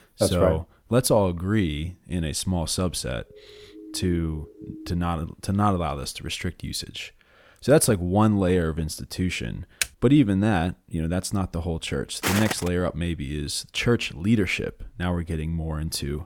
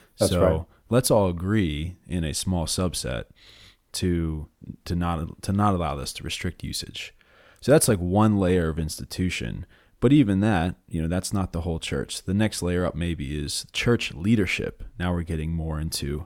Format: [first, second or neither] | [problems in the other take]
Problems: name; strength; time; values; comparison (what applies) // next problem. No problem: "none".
second | siren; faint; from 3.5 to 5 s; peak 15 dB below the speech // keyboard typing; very faint; at 10 s; peak 4 dB below the speech // footsteps; noticeable; at 12 s; peak 1 dB below the speech